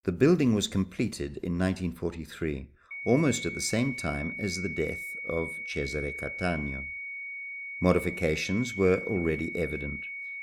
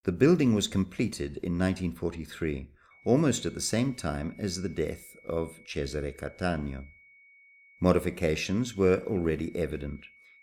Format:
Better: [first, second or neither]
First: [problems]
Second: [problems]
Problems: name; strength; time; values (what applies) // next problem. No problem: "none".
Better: second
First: high-pitched whine; loud; from 3 s on; 2 kHz, 6 dB below the speech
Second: high-pitched whine; faint; from 3 s on; 2 kHz, 25 dB below the speech